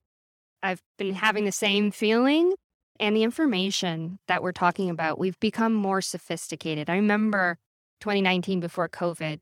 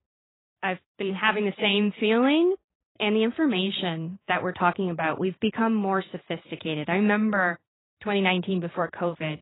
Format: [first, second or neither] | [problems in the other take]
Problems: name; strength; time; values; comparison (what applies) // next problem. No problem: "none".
first | garbled, watery; badly; nothing above 3.5 kHz